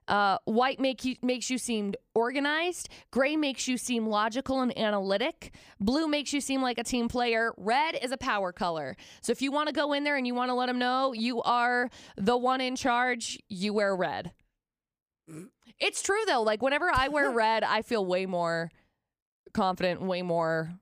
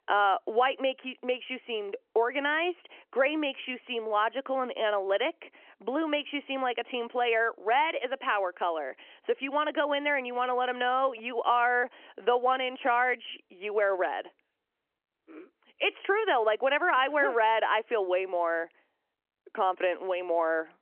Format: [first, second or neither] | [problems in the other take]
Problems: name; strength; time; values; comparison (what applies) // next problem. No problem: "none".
first | phone-call audio; nothing above 3 kHz